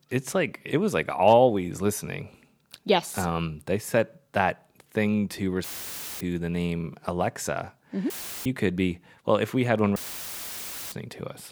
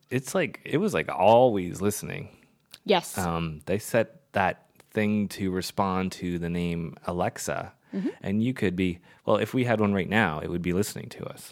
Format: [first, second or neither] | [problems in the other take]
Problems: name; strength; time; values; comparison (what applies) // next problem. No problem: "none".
second | audio cutting out; filled with static; at 5.5 s for 0.5 s, at 8 s and at 10 s for 1 s